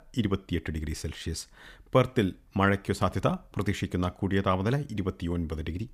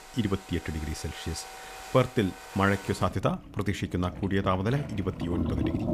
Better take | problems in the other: first | household noises; loud; throughout; 9 dB below the speech

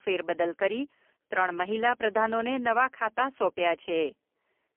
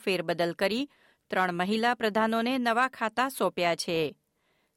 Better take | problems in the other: second | phone-call audio; poor line; nothing above 3 kHz

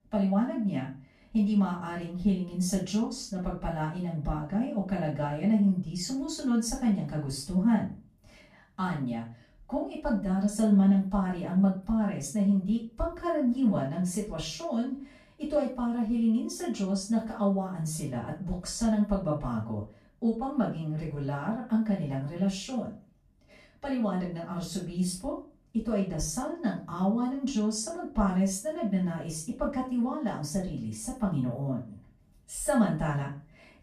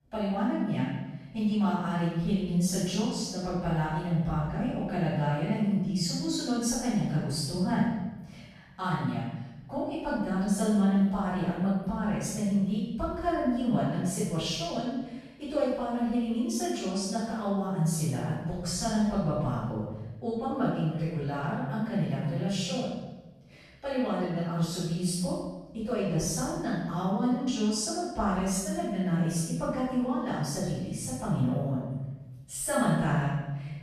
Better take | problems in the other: first | room echo; strong; dies away in 0.9 s; slight in the first // off-mic speech; far; far in the first

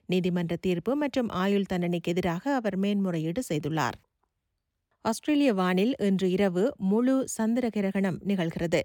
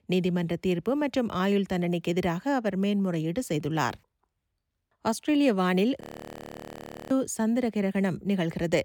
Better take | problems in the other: first | audio freezing; at 6 s for 1 s

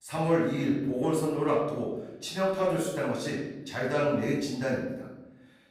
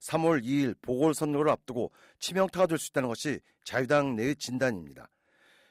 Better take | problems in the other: second | off-mic speech; far // room echo; noticeable; dies away in 0.9 s

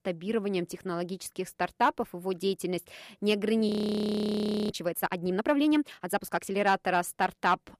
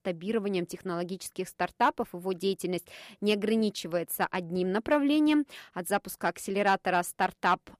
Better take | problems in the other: second | audio freezing; at 3.5 s for 1 s

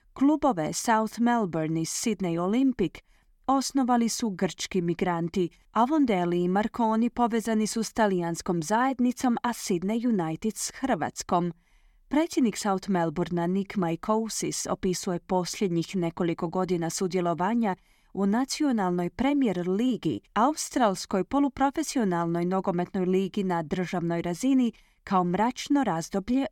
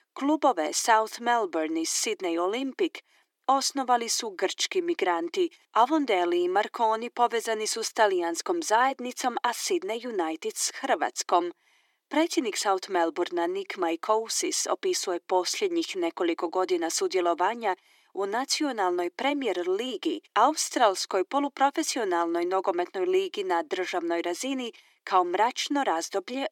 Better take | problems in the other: first | thin; somewhat; fading below 350 Hz

